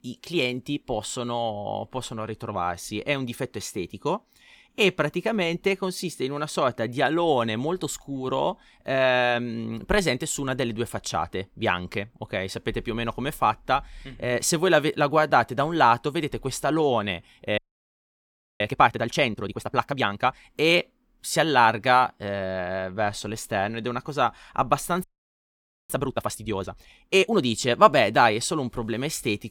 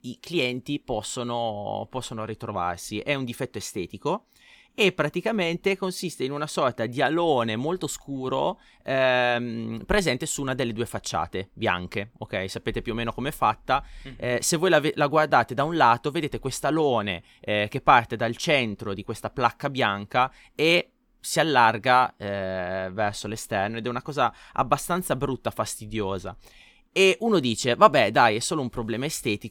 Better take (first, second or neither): second